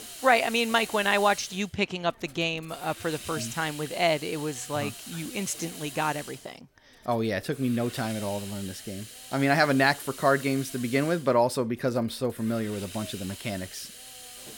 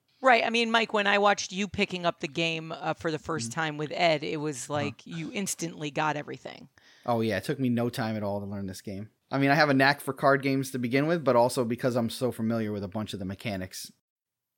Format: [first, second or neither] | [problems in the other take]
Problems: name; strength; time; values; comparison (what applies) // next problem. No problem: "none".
second | hiss; noticeable; throughout; 15 dB below the speech